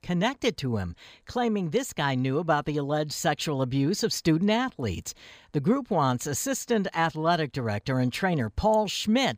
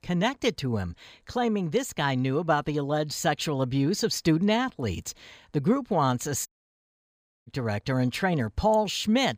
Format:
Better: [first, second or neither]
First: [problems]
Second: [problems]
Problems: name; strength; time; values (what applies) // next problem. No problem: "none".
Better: first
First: none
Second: audio cutting out; at 6.5 s for 1 s